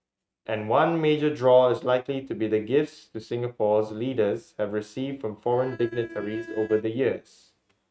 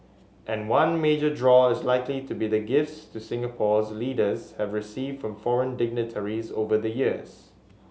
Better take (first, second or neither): second